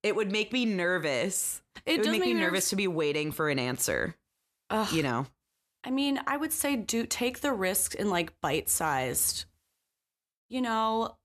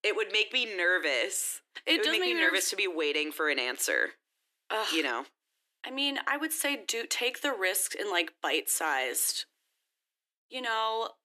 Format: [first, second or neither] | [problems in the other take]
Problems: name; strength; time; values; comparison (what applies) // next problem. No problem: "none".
first | thin; somewhat; fading below 300 Hz